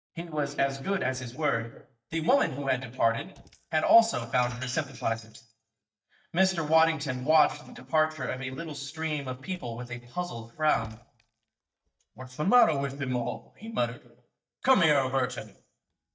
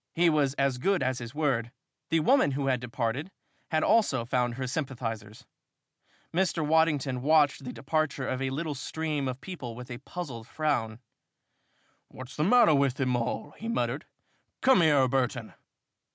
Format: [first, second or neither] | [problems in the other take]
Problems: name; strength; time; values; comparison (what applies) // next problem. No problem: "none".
second | noise reduction (neural mask model DeepFilterNet 3)